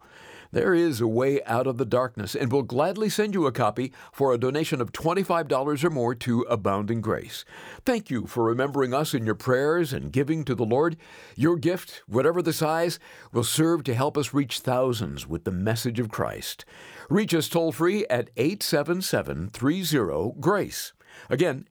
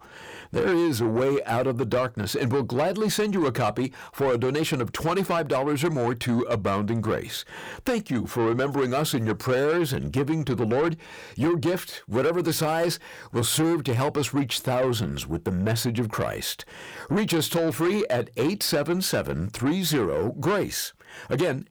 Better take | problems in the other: first | distortion; slight; 10 dB below the speech

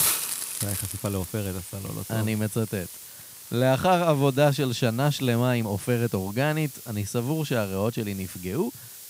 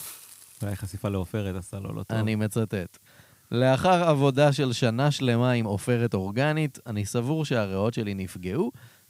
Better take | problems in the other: second | hiss; loud; throughout; 9 dB below the speech; faint in the second

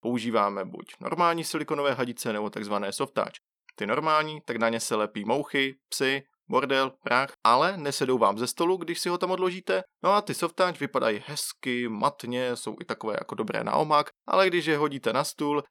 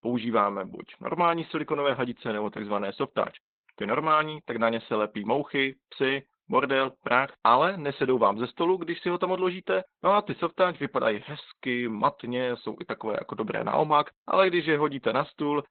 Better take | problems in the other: first | garbled, watery; badly; nothing above 4 kHz

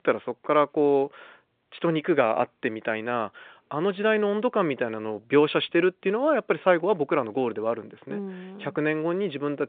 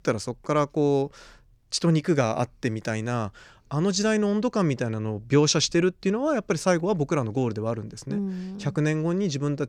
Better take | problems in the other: second | phone-call audio; nothing above 3.5 kHz

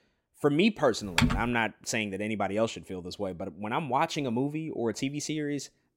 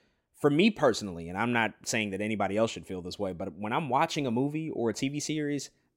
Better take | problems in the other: second | keyboard typing; loud; at 1 s; peak 3 dB above the speech

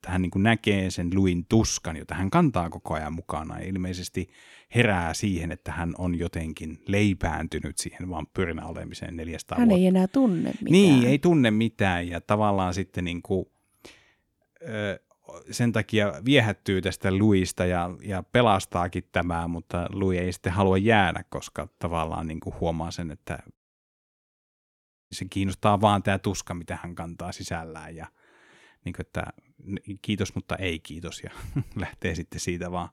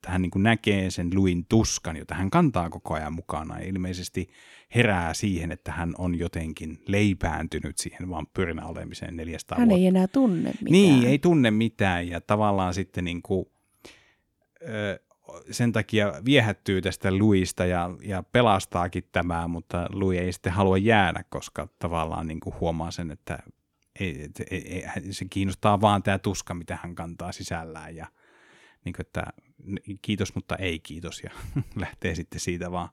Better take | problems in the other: second | audio cutting out; at 24 s for 1.5 s

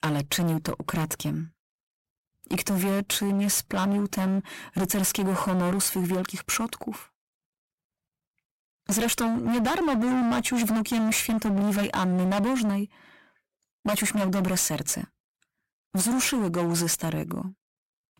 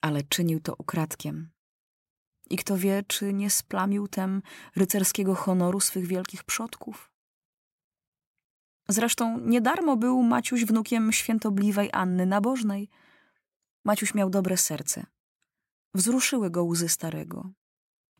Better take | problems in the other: second | distortion; heavy; 24% of the sound clipped

